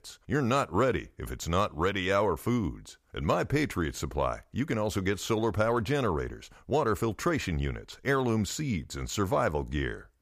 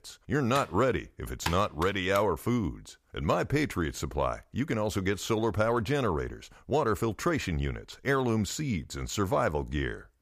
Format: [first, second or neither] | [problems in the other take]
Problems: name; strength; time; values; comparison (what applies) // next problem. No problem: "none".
first | keyboard typing; noticeable; from 0.5 to 2 s; peak 7 dB below the speech